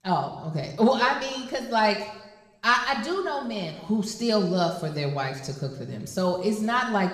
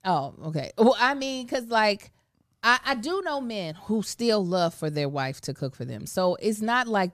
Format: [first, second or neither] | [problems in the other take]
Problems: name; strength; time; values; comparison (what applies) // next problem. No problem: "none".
second | room echo; slight; dies away in 1.1 s // off-mic speech; somewhat distant